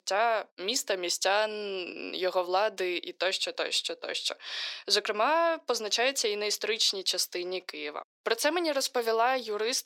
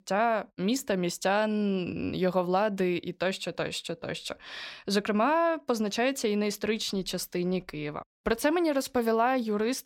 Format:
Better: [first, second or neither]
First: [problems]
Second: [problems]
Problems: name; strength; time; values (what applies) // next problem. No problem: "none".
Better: second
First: thin; very; fading below 350 Hz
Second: none